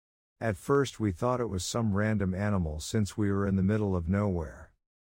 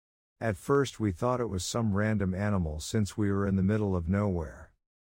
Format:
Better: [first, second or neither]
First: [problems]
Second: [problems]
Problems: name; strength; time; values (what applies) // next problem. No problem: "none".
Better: neither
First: none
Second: none